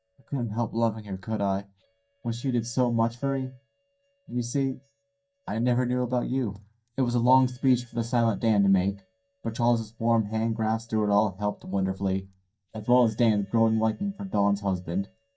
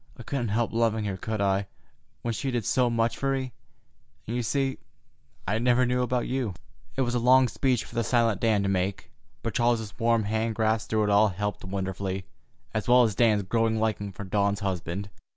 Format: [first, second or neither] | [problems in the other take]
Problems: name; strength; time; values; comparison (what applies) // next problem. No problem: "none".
second | noise reduction (neural mask model DeepFilterNet 3)